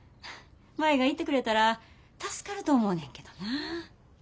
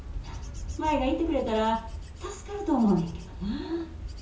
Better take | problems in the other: first | background sound (Wind / Bird / Insect); 9 dB below the speech // room echo; dies away in 0.6 s

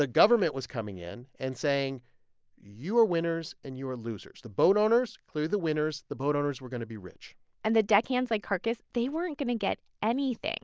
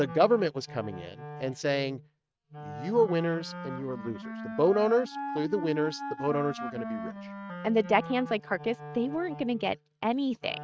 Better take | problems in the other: first | noise reduction (neural mask model RNNoise)

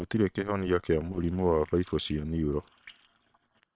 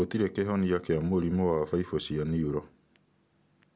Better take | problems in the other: second | noise reduction (neural separator model SepFormer WHAM!)

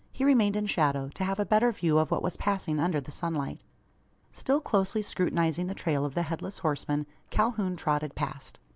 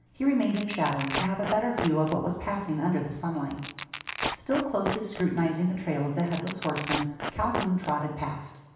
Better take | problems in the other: first | background sound (Tearing); 8 dB below the speech // room echo; dies away in 0.9 s

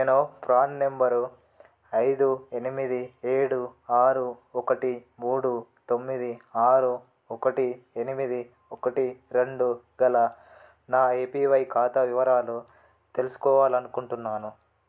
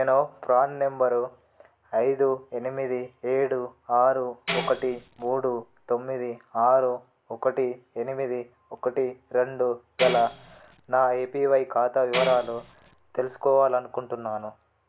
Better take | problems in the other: first | background sound (Tambourine); 10 dB below the speech

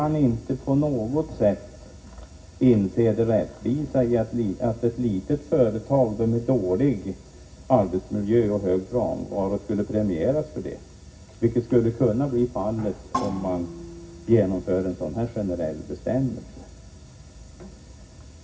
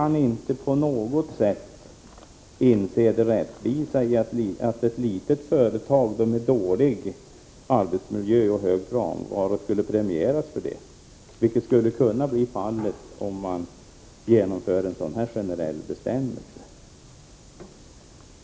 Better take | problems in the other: second | background sound (Percussion); 13 dB below the speech // room echo; dies away in 0.4 s

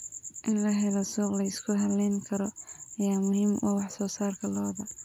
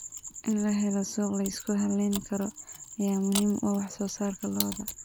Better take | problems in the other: first | background sound (Mechanisms); 13 dB below the speech

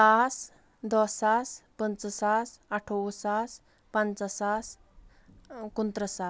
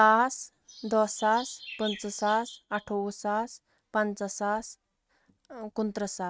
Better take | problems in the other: first | noise reduction (neural mask model RNNoise)

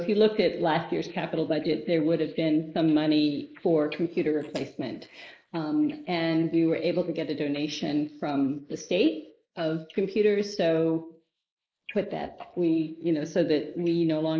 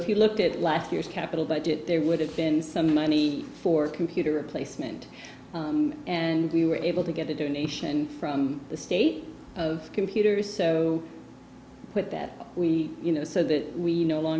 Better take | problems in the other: second | noise reduction (neural mask model Resemble Enhance denoiser)

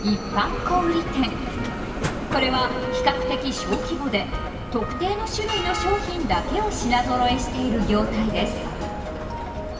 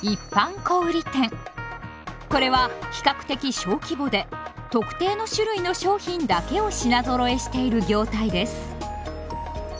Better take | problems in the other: second | background sound (Bell); 4 dB below the speech // room echo; dies away in 2 s

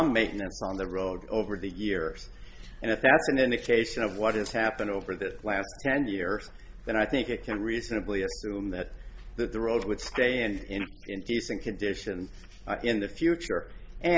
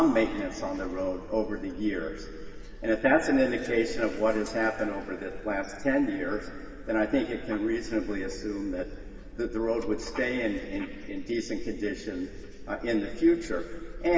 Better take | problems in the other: first | room echo; dies away in 2.4 s

